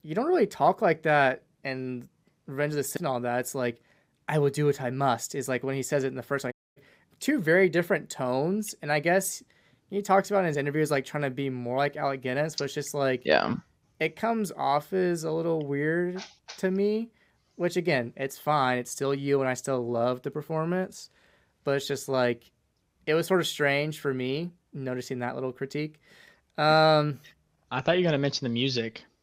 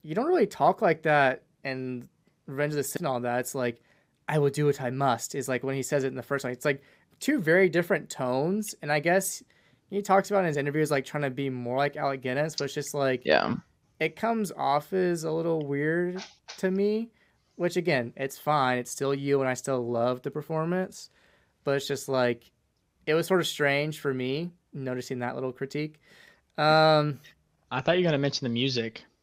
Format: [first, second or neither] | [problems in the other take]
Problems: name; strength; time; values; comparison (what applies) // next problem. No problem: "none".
second | audio cutting out; at 6.5 s